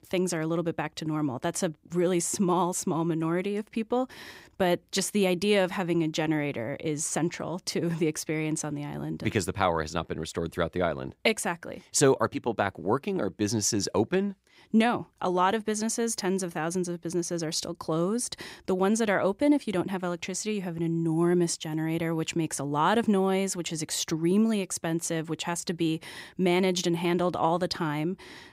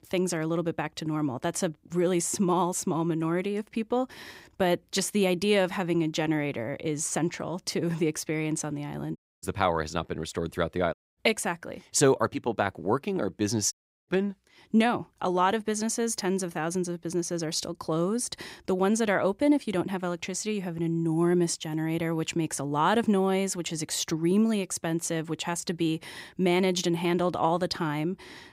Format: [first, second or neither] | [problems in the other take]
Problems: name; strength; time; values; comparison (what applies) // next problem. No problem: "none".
first | audio cutting out; at 9 s, at 11 s and at 14 s